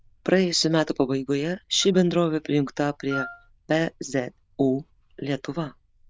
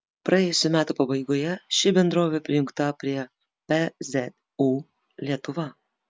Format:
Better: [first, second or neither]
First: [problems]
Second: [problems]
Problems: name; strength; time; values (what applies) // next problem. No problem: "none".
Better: second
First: noise reduction (neural diffusion model UNIVERSE++)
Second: none